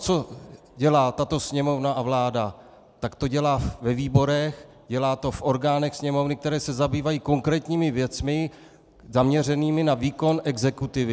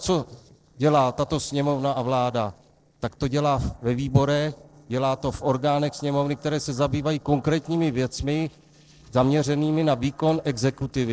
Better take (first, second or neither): first